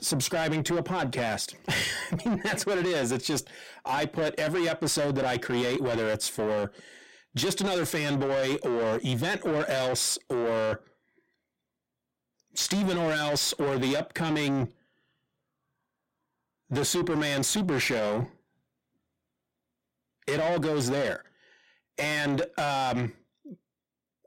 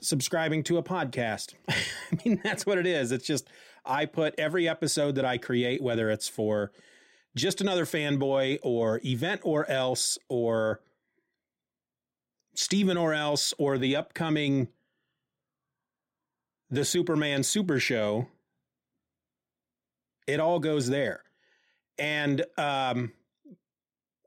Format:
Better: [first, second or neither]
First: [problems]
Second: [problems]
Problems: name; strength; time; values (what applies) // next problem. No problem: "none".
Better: second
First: distortion; heavy; 8 dB below the speech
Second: none